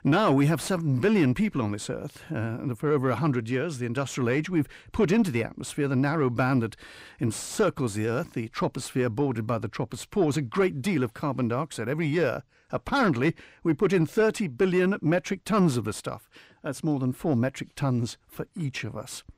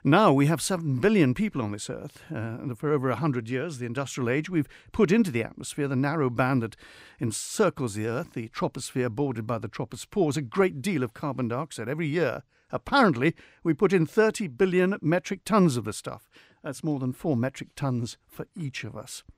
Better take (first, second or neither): second